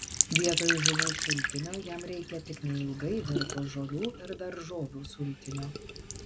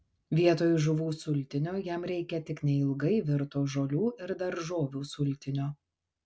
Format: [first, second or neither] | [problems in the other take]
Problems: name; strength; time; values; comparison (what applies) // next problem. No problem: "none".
second | background sound (Trickle, dribble / Sink (filling or washing)); 1 dB above the speech